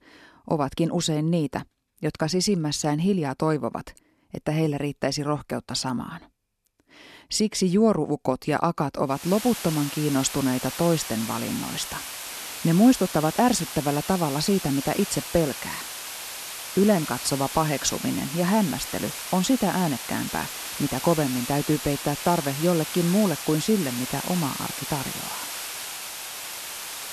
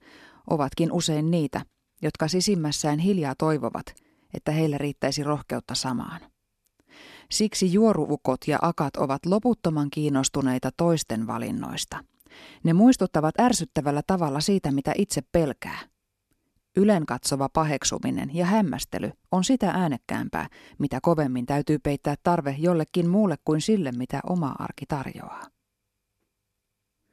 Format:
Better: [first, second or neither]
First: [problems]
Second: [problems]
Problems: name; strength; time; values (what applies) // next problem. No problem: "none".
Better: second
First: hiss; loud; from 9 s on; 7 dB below the speech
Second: none